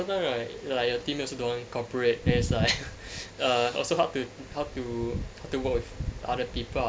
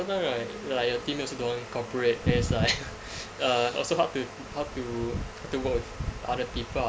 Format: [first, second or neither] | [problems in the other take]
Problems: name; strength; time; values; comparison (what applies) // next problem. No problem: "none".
first | background sound (Domestic sounds, home sounds); 15 dB below the speech